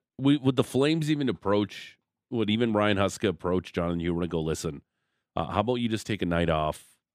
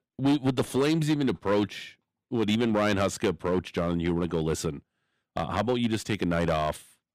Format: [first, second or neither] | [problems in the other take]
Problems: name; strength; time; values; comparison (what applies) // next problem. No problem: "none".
first | distortion; slight; 6% of the sound clipped